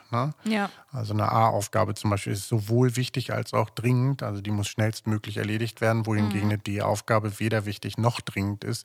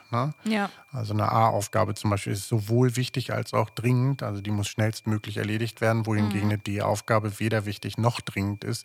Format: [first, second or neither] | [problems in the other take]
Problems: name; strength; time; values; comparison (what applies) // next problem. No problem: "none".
first | high-pitched whine; faint; throughout; 2.5 kHz, 30 dB below the speech